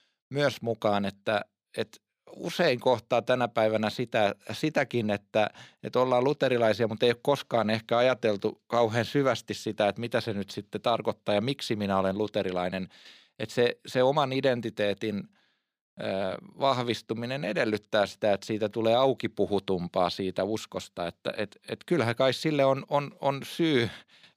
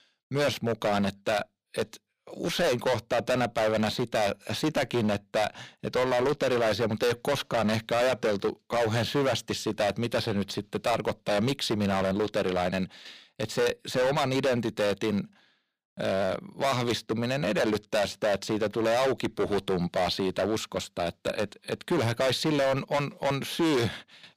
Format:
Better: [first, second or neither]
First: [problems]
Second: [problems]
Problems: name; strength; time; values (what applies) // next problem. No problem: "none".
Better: first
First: none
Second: distortion; heavy; 14% of the sound clipped